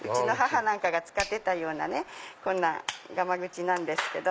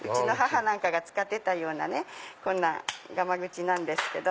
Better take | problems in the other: second | background sound (Finger snapping); 20 dB below the speech

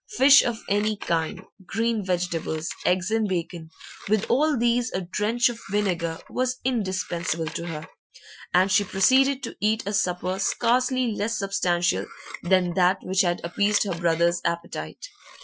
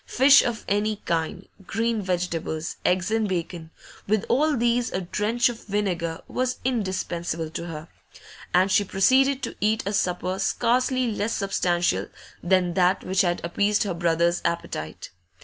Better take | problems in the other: second | noise reduction (classical method Wiener filter)

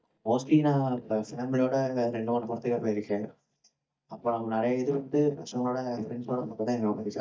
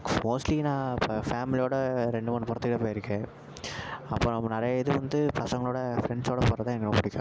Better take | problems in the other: second | noise reduction (neural mask model DeepFilterNet 3)

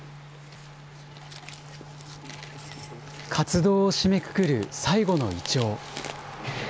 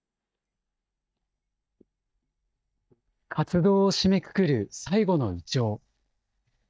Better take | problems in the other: first | noise reduction (neural mask model DeepFilterNet 3)

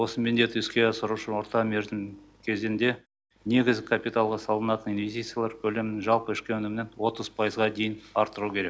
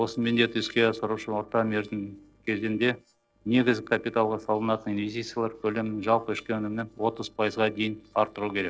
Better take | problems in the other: first | noise reduction (neural separator model SepFormer DNS4)

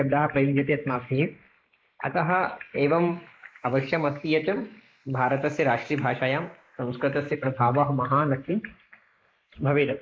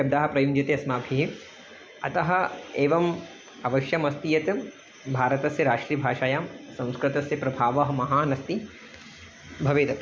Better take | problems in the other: second | noise reduction (neural mask model Resemble Enhance denoiser)

